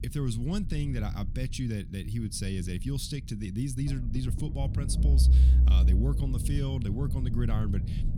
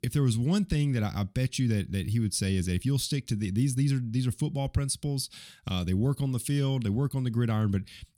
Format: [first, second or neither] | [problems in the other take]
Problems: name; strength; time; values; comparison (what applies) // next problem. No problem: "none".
second | low rumble; loud; throughout; 7 dB below the speech